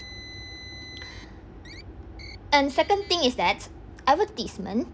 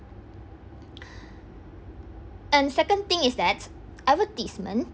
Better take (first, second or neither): second